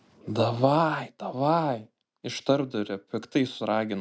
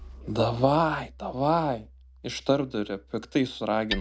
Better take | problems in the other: first | background sound (Hammer); 15 dB below the speech

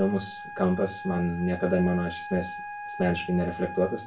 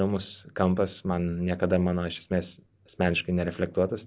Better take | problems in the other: second | background sound (Wind instrument, woodwind instrument); 11 dB below the speech // room echo; dies away in 0.2 s

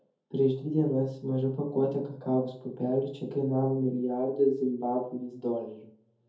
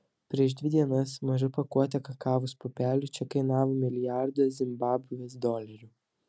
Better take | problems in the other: second | room echo; dies away in 0.5 s

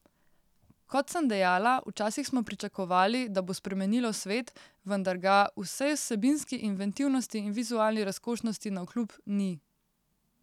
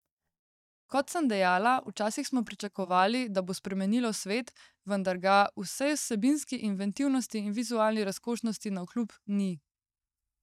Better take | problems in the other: first | noise reduction (neural mask model DeepFilterNet 3)

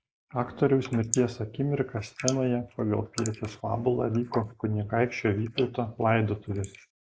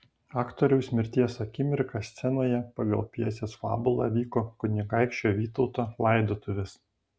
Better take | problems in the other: second | noise reduction (neural mask model Resemble Enhance denoiser)

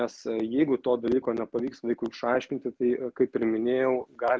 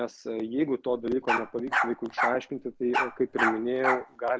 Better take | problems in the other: first | background sound (Bark); 1 dB below the speech

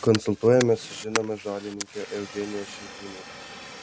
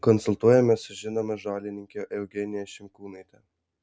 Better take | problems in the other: second | background sound (Fire); 11 dB below the speech

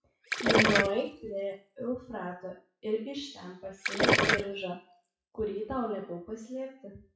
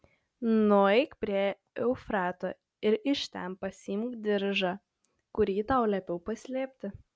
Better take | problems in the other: second | noise reduction (classical method WPE with log-MMSE)

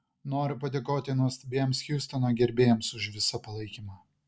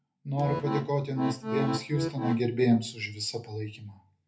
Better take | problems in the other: first | background sound (Accordion); 3 dB below the speech // room echo; dies away in 0.3 s

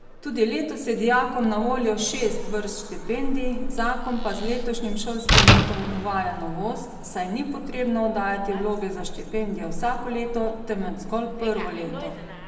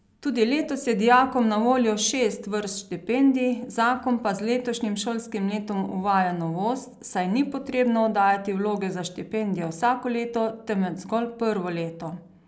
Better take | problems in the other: second | background sound (Slam); 1 dB below the speech // room echo; dies away in 1.4 s

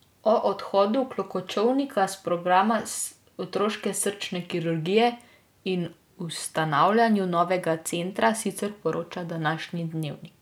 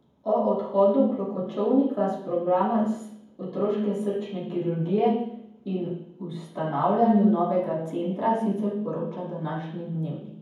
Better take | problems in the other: first | room echo; dies away in 1.2 s

